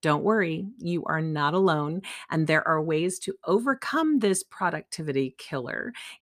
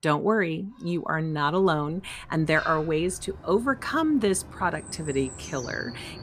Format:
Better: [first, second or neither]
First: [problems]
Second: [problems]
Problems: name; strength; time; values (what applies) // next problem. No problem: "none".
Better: first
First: none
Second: animal sounds; noticeable; throughout; 15 dB below the speech